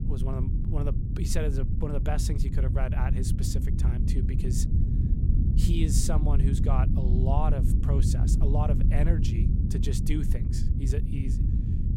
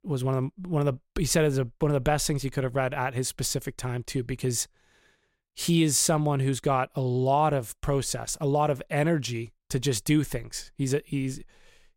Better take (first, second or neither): second